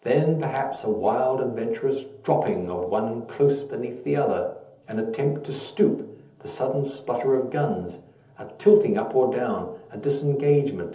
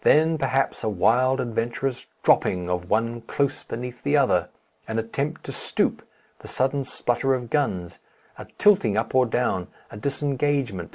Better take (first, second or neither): second